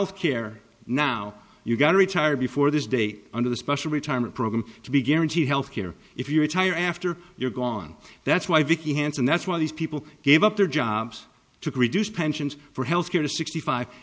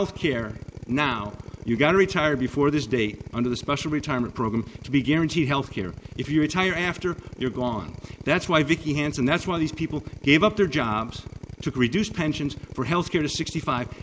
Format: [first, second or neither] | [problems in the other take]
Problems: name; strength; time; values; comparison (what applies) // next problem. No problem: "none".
first | background sound (Drill); 14 dB below the speech